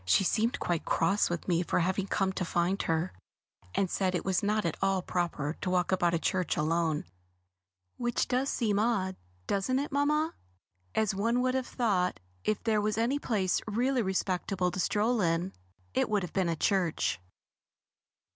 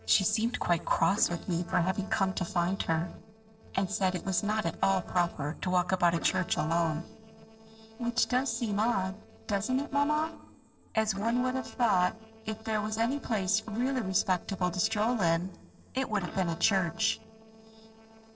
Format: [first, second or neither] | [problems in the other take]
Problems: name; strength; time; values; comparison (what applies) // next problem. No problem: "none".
first | noise reduction (neural separator model SepFormer DNS4)